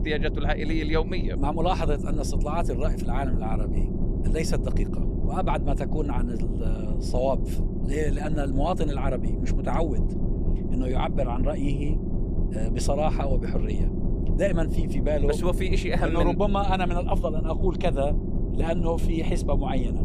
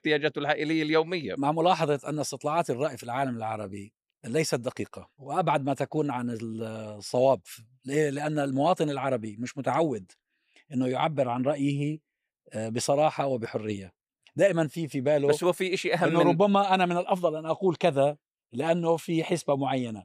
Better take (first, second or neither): second